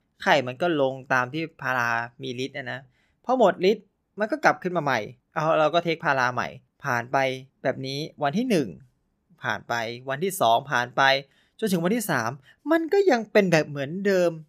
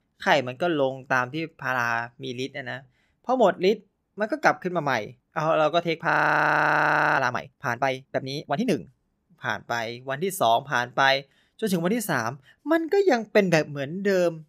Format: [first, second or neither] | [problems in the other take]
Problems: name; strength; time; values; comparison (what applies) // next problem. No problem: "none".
first | audio freezing; at 6 s for 1 s